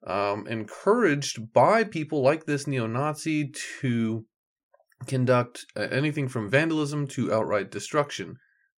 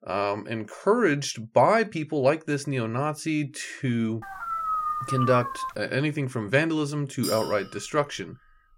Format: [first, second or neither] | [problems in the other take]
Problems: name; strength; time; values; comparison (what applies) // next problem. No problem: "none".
first | dog barking; noticeable; from 4 to 5.5 s; peak 1 dB below the speech // clattering dishes; noticeable; at 7 s; peak 7 dB below the speech